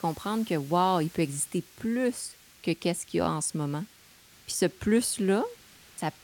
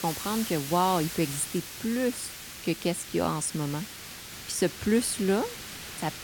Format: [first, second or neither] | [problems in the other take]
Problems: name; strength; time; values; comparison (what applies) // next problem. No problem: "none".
first | hiss; loud; throughout; 9 dB below the speech; faint in the first